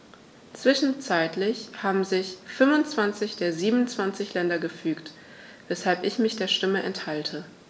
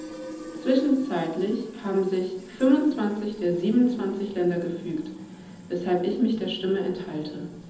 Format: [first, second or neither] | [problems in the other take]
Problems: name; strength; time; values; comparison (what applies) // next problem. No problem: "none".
first | background sound (Fill (with liquid)); 16 dB below the speech // room echo; dies away in 0.8 s